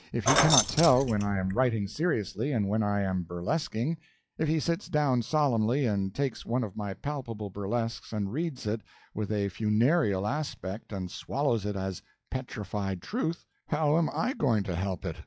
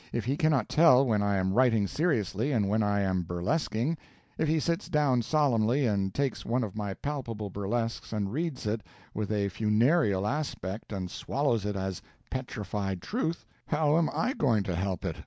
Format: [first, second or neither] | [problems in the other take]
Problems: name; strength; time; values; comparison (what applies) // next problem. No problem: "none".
second | noise reduction (classical method log-MMSE)